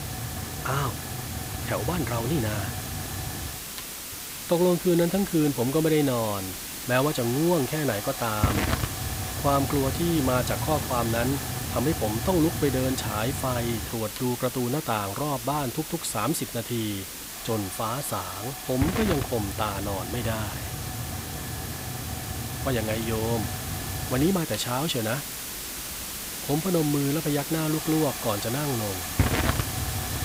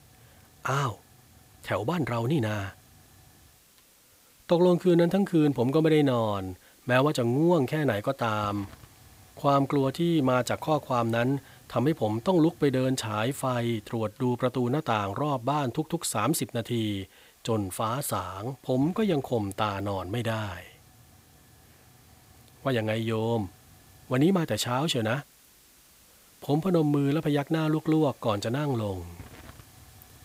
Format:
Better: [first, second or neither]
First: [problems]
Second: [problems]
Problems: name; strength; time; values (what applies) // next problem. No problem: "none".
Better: second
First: hiss; loud; throughout; 4 dB below the speech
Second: hiss; faint; throughout; 25 dB below the speech